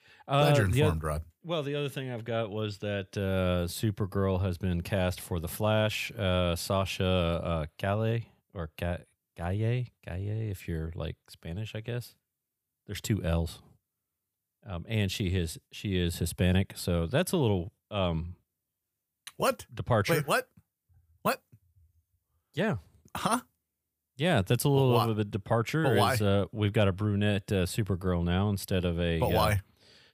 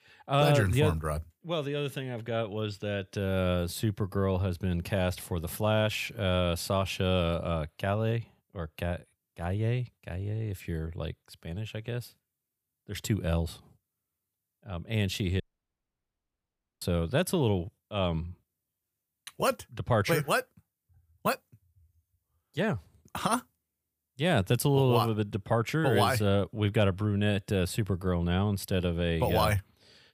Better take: first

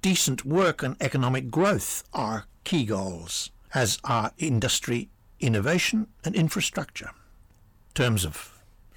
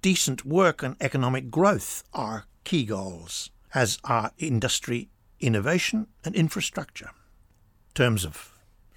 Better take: second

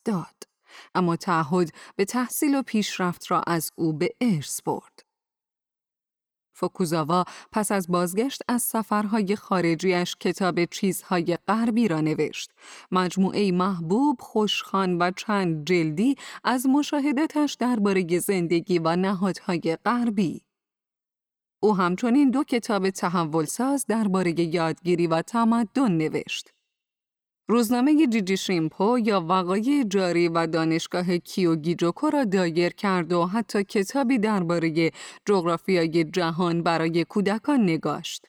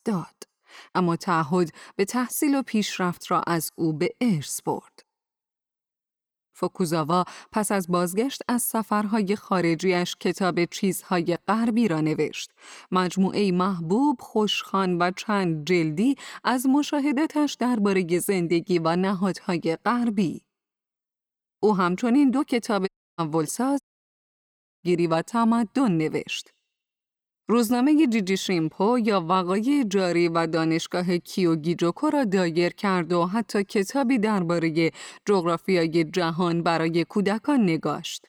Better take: first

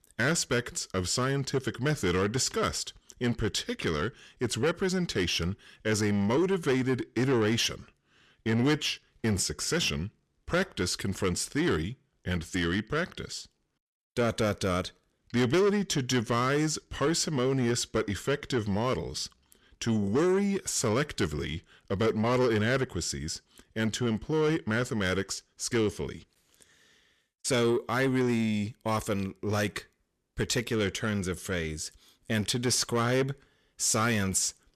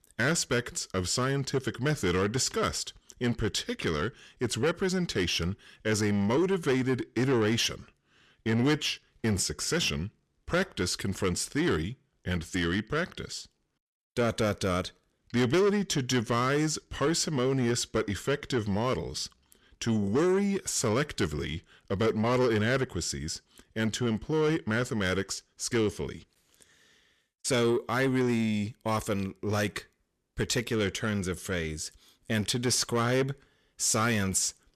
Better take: neither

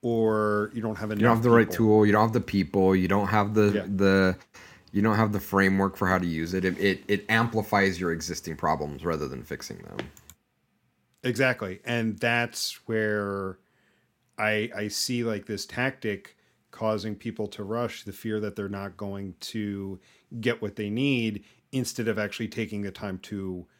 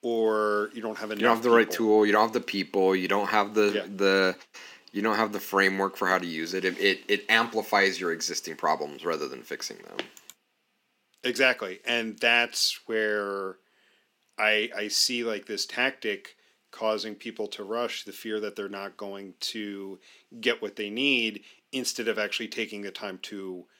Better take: first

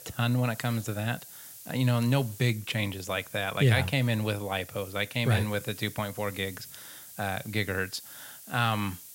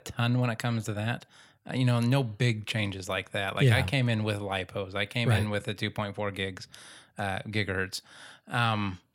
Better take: second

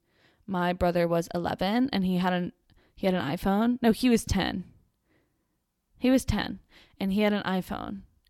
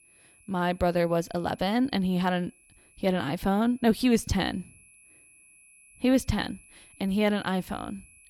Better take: first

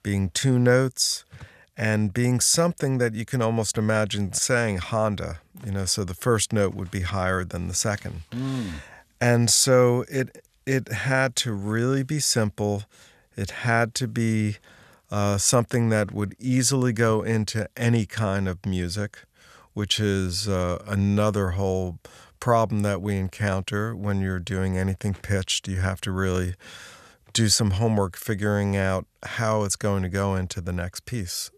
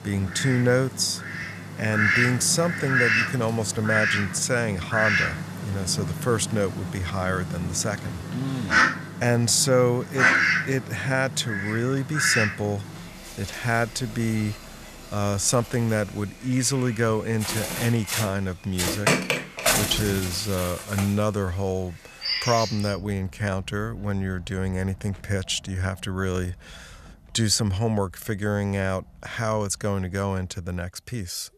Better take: first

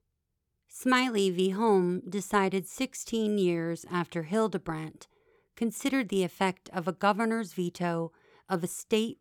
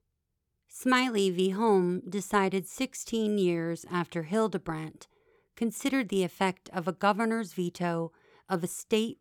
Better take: neither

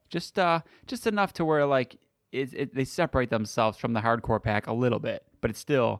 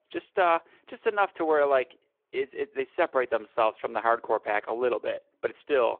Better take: first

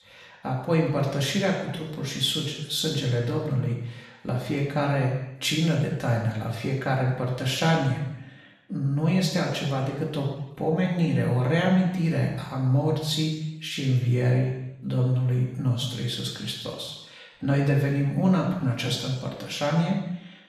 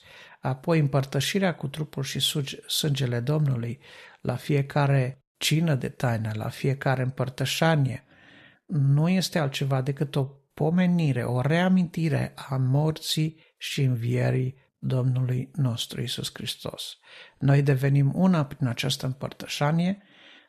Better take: second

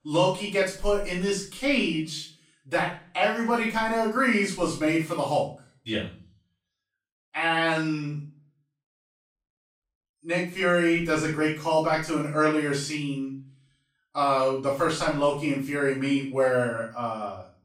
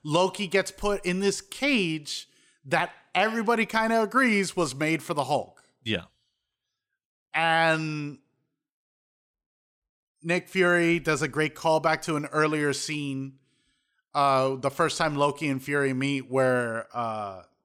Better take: second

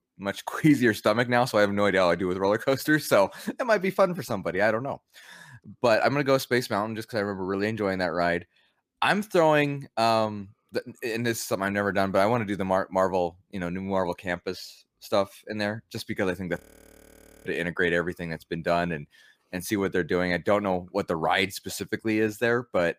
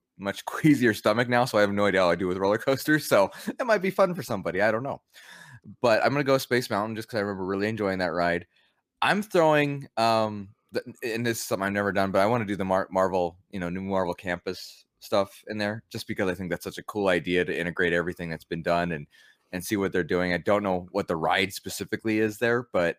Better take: second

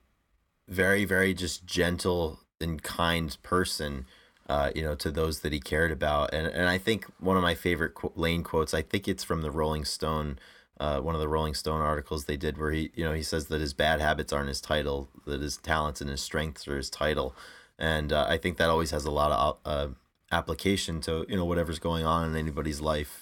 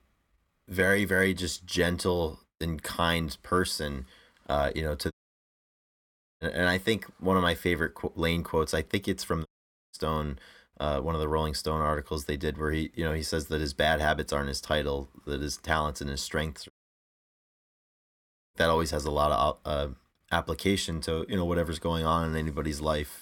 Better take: first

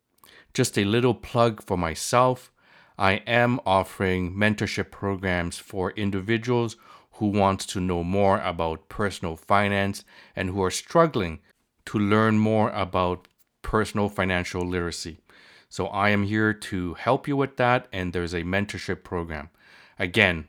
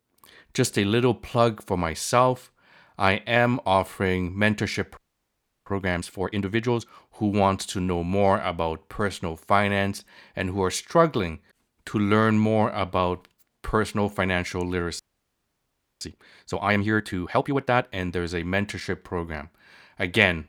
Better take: first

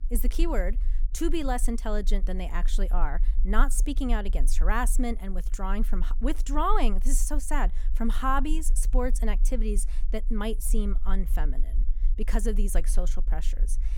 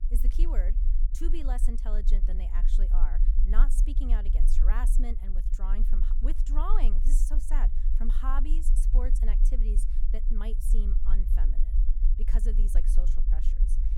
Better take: first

